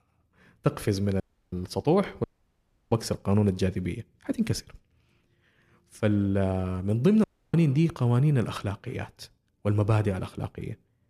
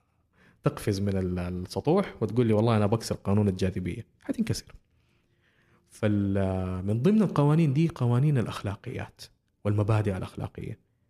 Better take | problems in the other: second | audio cutting out; at 1 s, at 2 s for 0.5 s and at 7 s

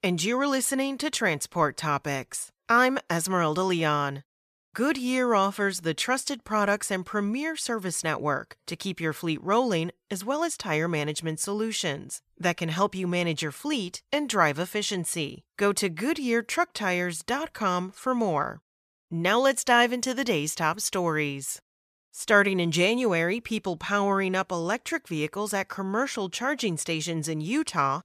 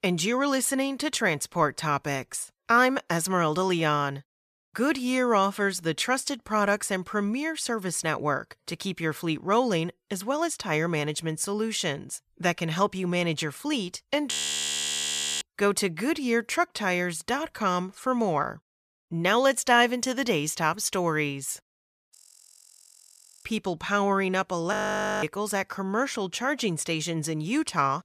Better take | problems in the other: first | audio freezing; at 14 s for 1 s, at 22 s for 1.5 s and at 25 s

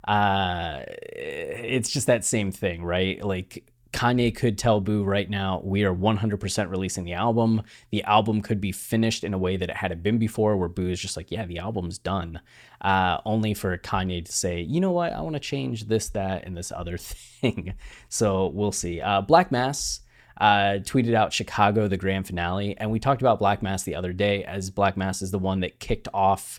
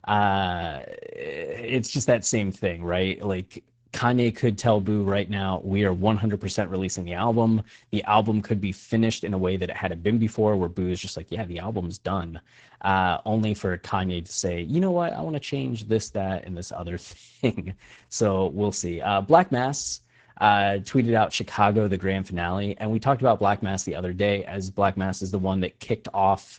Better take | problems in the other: first | garbled, watery; slightly

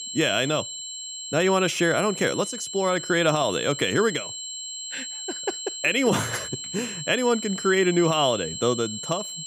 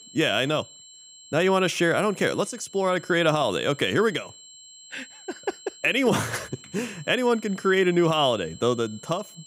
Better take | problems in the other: second | high-pitched whine; loud; throughout; 7.5 kHz, 8 dB below the speech; faint in the second

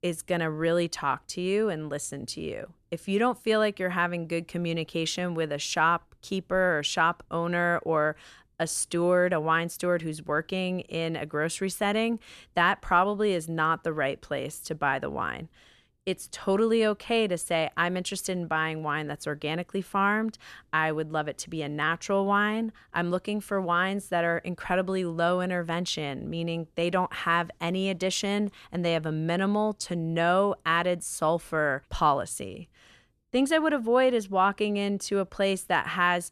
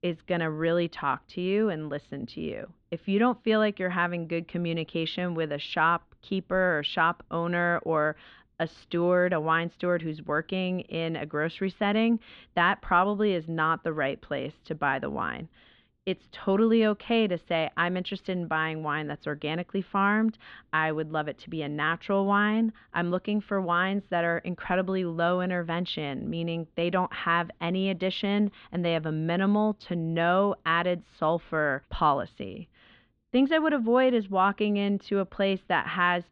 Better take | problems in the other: first | muffled; slightly; fading above 3.5 kHz

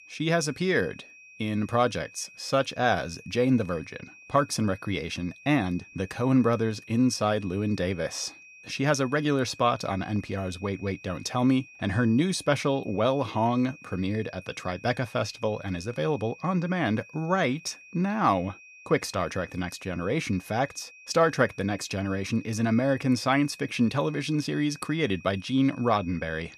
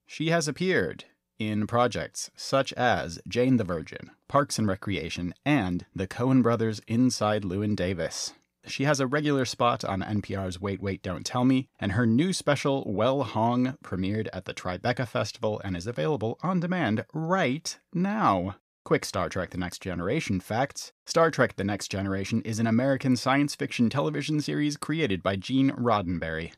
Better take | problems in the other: second | high-pitched whine; faint; throughout; 2.5 kHz, 20 dB below the speech

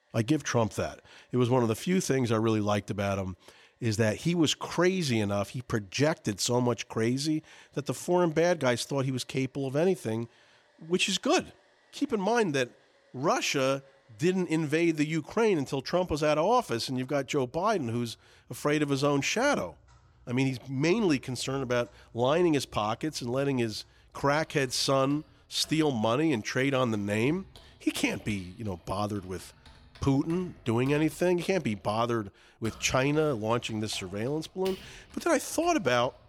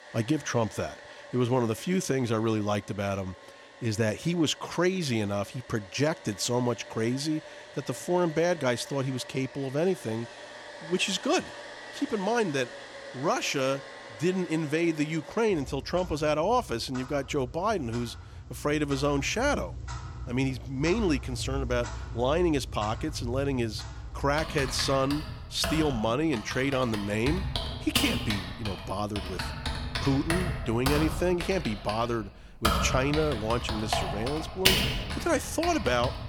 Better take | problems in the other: first | household noises; loud; throughout; 6 dB below the speech; faint in the first

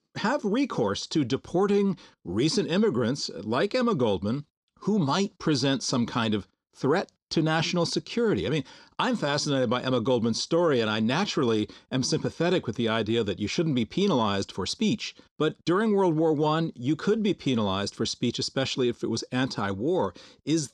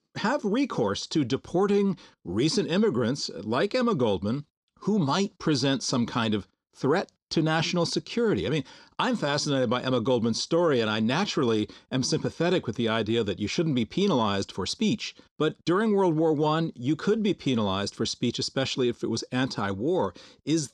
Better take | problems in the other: neither | none

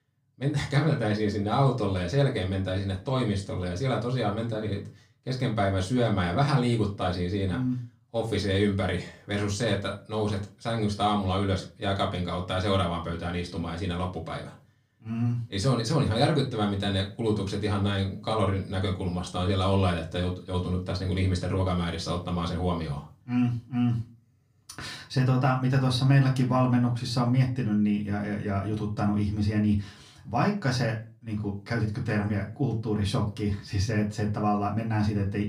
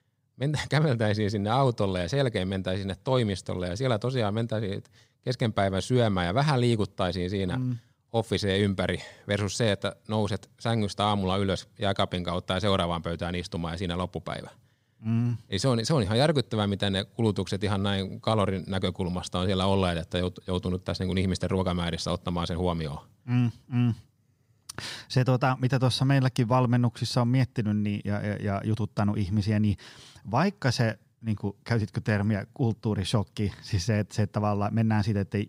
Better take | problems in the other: second | off-mic speech; far // room echo; very slight; dies away in 0.3 s

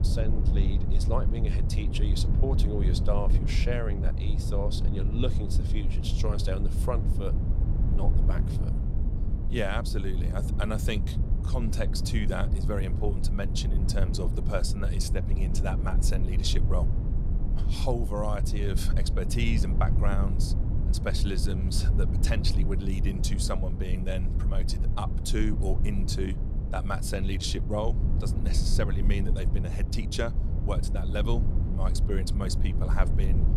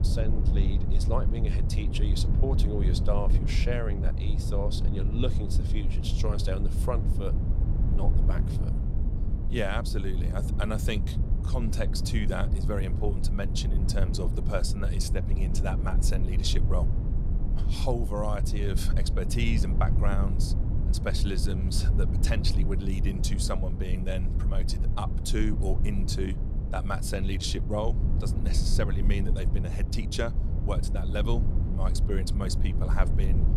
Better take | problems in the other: neither | low rumble; loud; throughout; 7 dB below the speech; the same in both

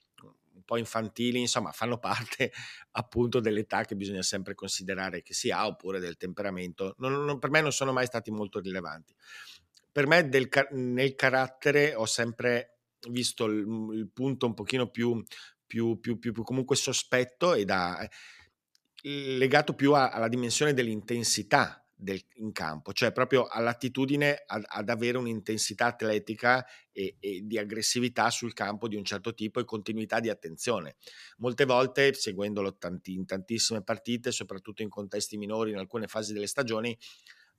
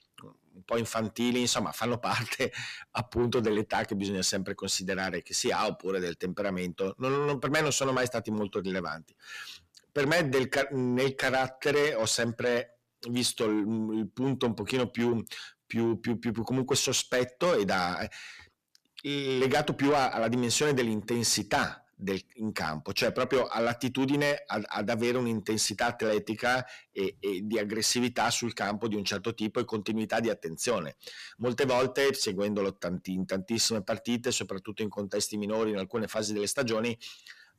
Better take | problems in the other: first | distortion; heavy; 8 dB below the speech

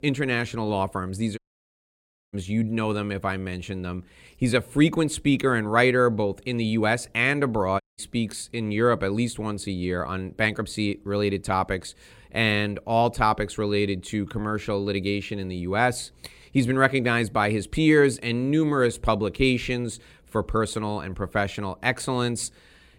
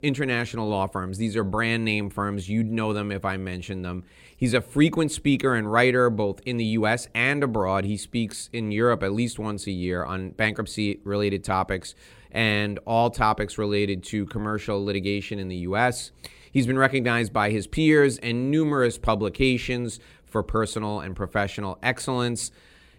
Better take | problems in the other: second | audio cutting out; at 1.5 s for 1 s and at 8 s

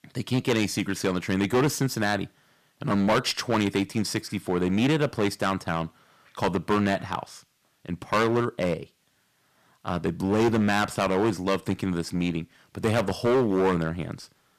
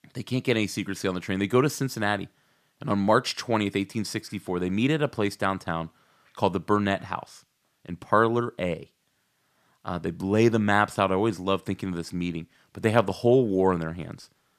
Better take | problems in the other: second | distortion; heavy; 9% of the sound clipped

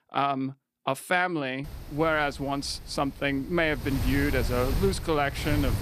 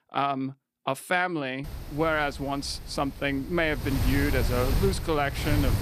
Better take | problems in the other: first | wind noise on the microphone; heavy; from 1.5 s on; 10 dB below the speech; occasional gusts in the first

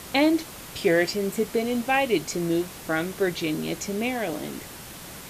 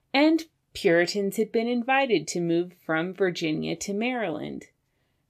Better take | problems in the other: second | hiss; noticeable; throughout; 15 dB below the speech

